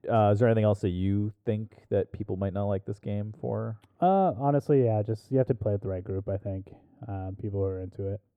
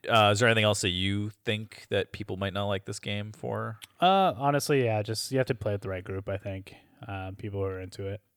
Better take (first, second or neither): second